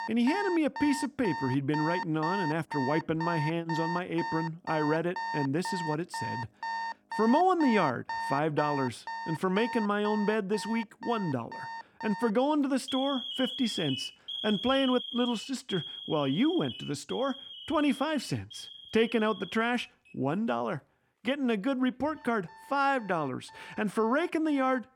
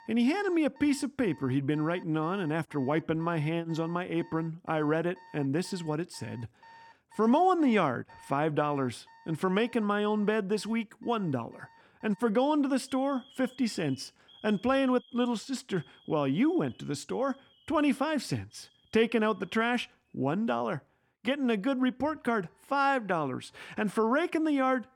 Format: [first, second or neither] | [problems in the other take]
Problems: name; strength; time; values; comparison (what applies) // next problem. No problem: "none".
second | alarms or sirens; loud; throughout; 7 dB below the speech; faint in the second